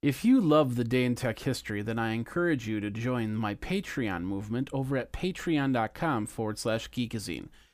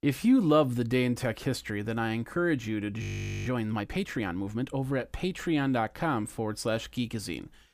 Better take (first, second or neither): first